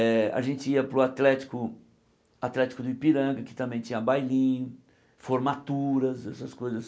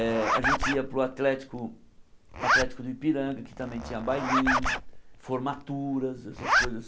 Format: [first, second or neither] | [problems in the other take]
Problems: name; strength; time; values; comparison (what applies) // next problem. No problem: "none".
first | background sound (Zipper (clothing)); as loud as the speech